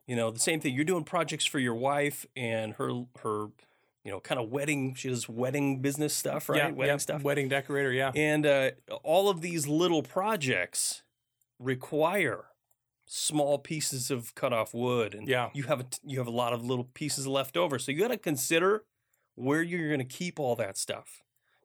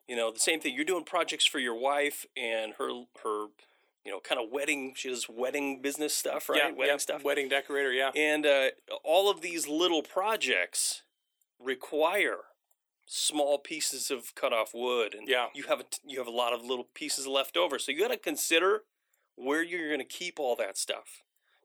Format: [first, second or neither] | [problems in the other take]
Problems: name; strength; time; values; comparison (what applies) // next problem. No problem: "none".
first | thin; somewhat; fading below 300 Hz